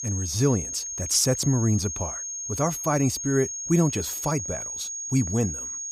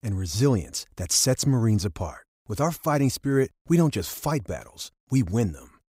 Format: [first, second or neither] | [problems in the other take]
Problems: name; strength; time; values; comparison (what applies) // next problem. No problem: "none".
second | high-pitched whine; loud; throughout; 6.5 kHz, 5 dB below the speech